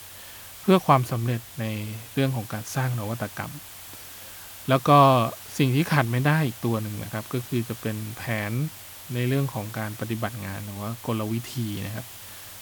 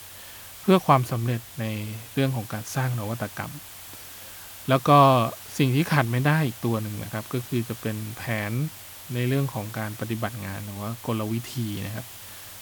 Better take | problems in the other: neither | hiss; noticeable; throughout; 15 dB below the speech; the same in both

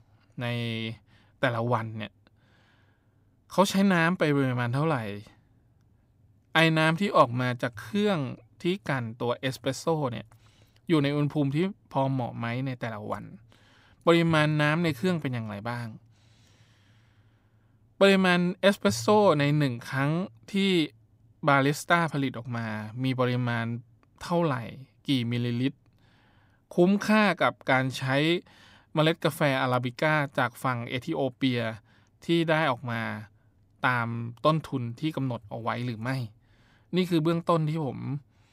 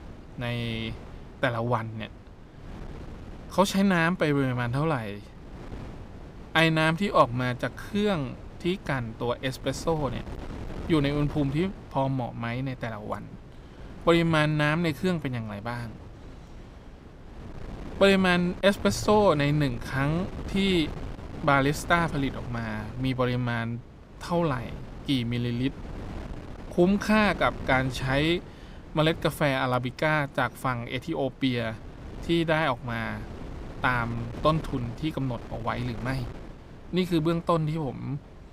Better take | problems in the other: first | wind noise on the microphone; occasional gusts; 20 dB below the speech

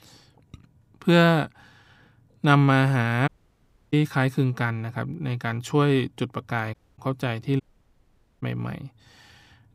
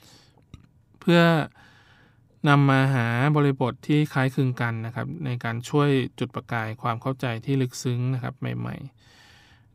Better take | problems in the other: second | audio cutting out; at 3.5 s for 0.5 s, at 6.5 s and at 7.5 s for 1 s

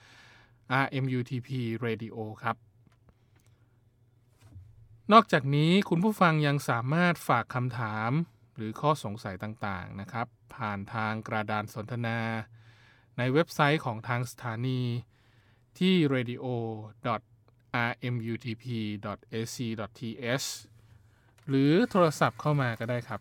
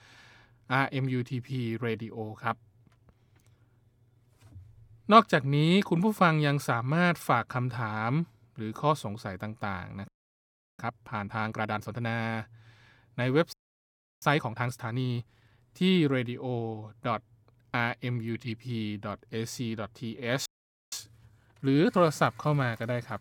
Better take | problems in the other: first | audio freezing; at 10 s for 0.5 s, at 14 s for 0.5 s and at 20 s

